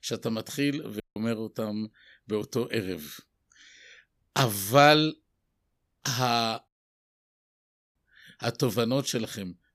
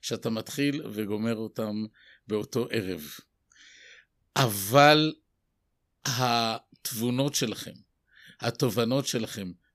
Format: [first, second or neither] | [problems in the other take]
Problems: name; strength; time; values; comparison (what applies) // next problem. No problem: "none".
second | audio cutting out; at 1 s and at 6.5 s for 1.5 s